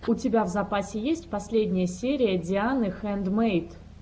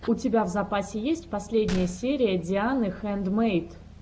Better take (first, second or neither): first